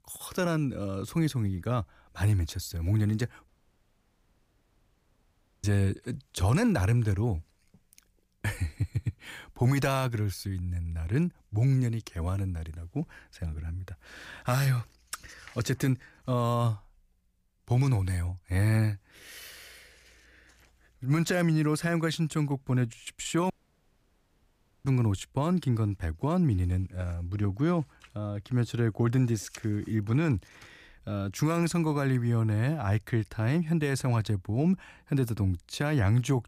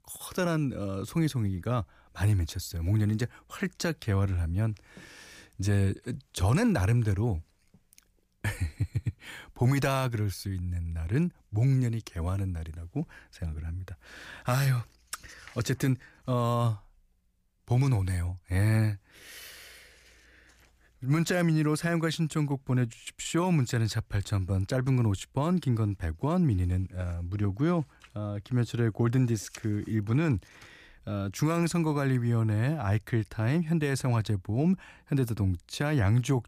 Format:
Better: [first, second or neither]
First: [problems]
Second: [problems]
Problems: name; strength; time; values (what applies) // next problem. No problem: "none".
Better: second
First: audio cutting out; at 3.5 s for 2 s and at 24 s for 1.5 s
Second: none